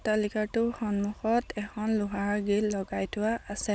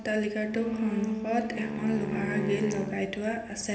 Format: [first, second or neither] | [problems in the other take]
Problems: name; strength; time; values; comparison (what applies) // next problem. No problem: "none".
first | background sound (Wind instrument, woodwind instrument); 4 dB below the speech // room echo; dies away in 0.8 s